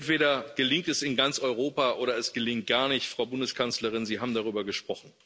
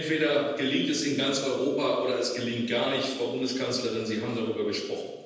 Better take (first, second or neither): first